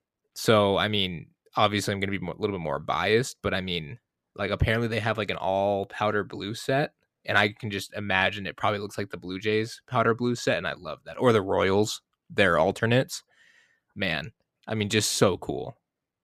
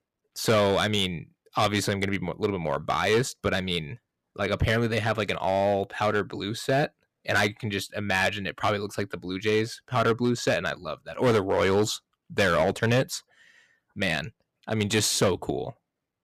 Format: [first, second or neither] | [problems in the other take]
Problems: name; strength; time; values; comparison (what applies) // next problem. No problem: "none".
first | distortion; slight; 5% of the sound clipped